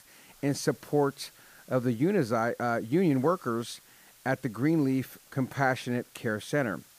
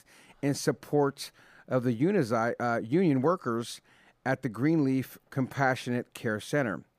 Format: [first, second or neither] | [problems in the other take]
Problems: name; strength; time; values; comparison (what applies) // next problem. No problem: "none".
second | hiss; faint; throughout; 25 dB below the speech